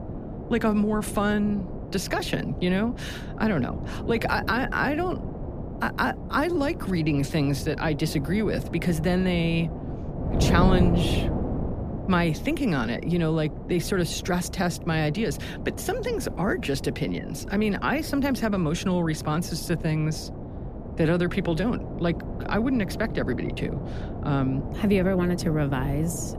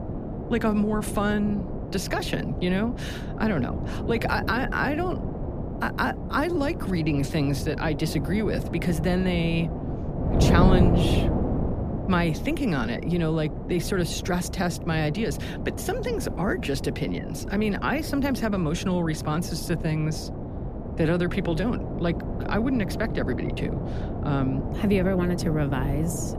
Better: first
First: wind noise on the microphone; occasional gusts; 10 dB below the speech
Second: wind noise on the microphone; heavy; 7 dB below the speech

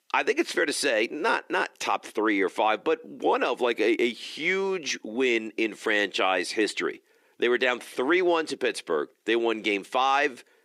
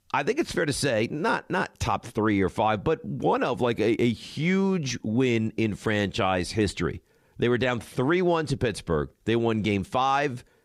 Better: second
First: thin; somewhat; fading below 300 Hz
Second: none

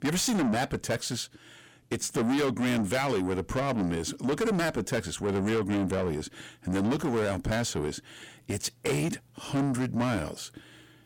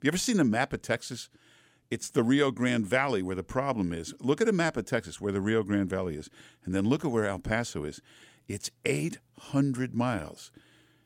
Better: second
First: distortion; heavy; 6 dB below the speech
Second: none

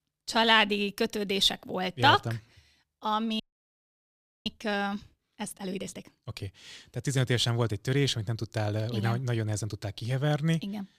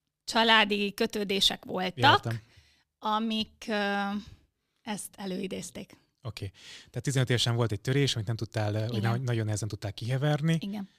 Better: second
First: audio freezing; at 3.5 s for 1 s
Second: none

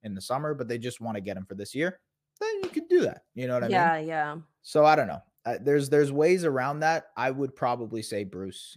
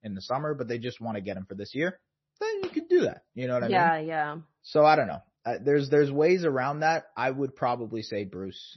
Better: first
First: none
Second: garbled, watery; slightly; nothing above 6 kHz

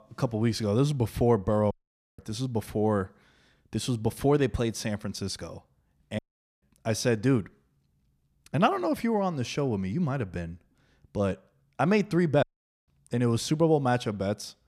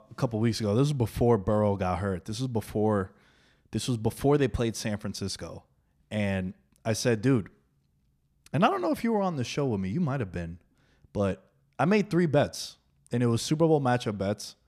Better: second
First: audio cutting out; at 1.5 s, at 6 s and at 12 s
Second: none

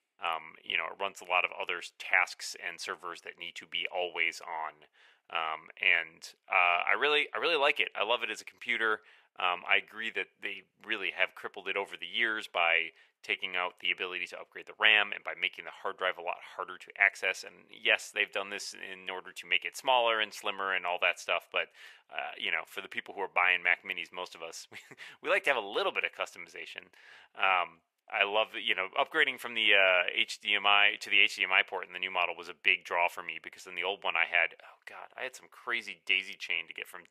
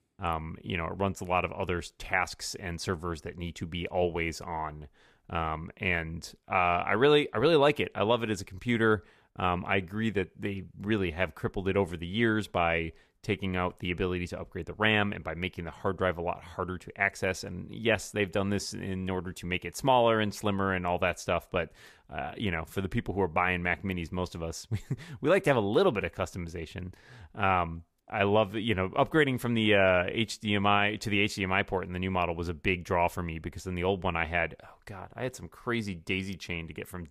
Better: second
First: thin; very; fading below 650 Hz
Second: none

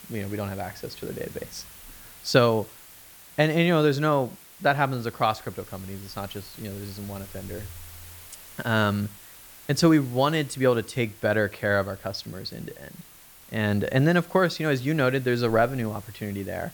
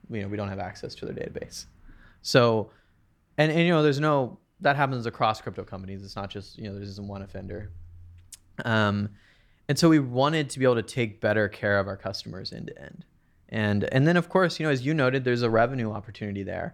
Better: second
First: hiss; noticeable; throughout; 20 dB below the speech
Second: none

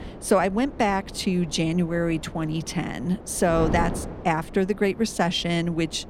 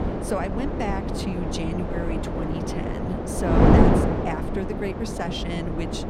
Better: first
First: wind noise on the microphone; occasional gusts; 15 dB below the speech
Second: wind noise on the microphone; heavy; 4 dB above the speech

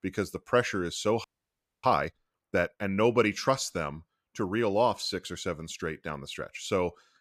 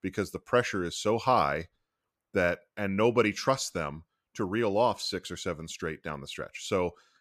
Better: second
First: audio freezing; at 1 s for 0.5 s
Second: none

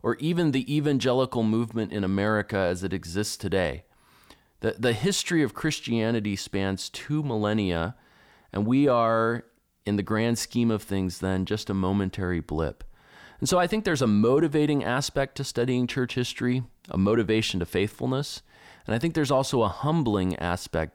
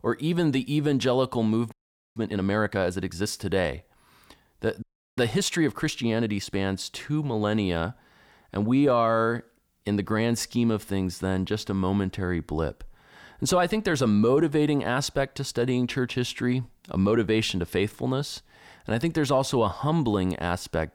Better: first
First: none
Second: audio freezing; at 1.5 s and at 5 s

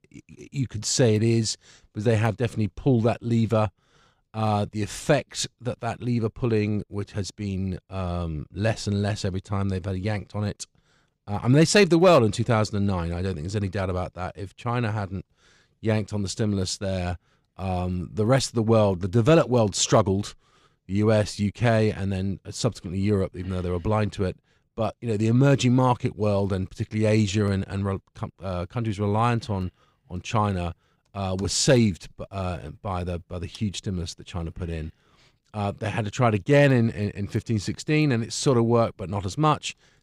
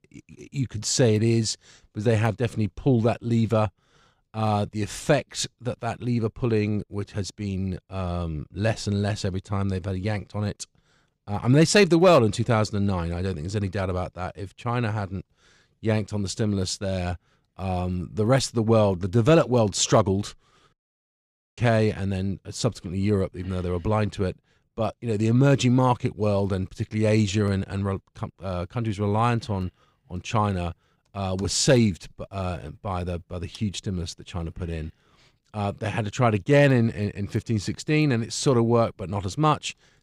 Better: first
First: none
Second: audio cutting out; at 21 s for 1 s

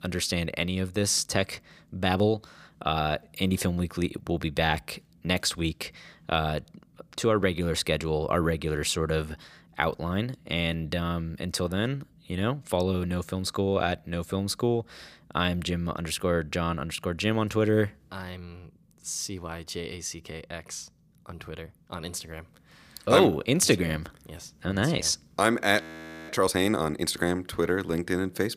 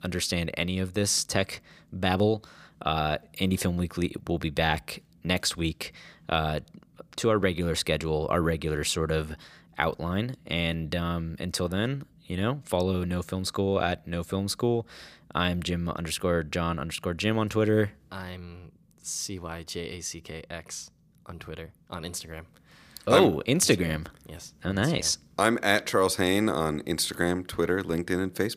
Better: second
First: audio freezing; at 26 s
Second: none

